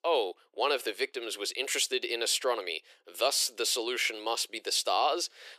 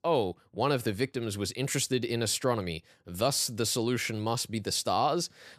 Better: second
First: thin; very; fading below 350 Hz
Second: none

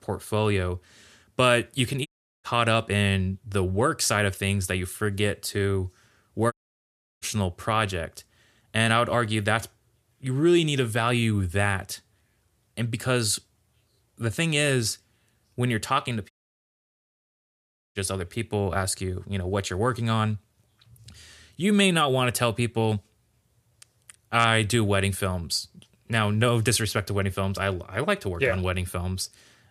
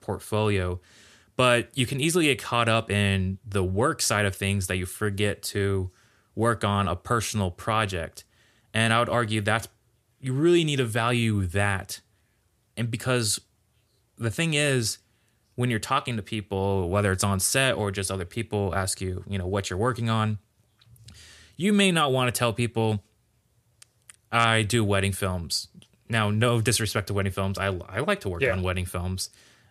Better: second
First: audio cutting out; at 2 s, at 6.5 s for 0.5 s and at 16 s for 1.5 s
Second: none

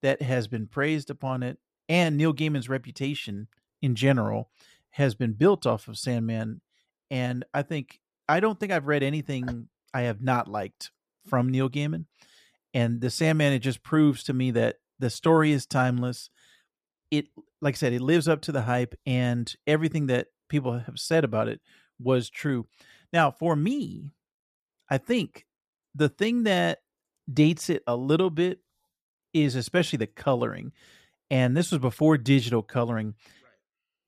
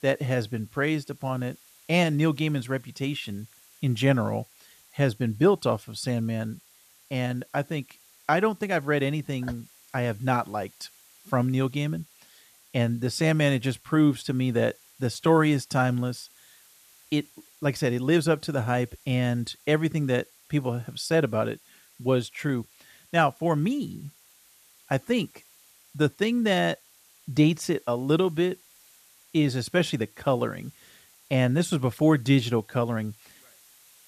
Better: first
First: none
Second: hiss; faint; throughout; 30 dB below the speech

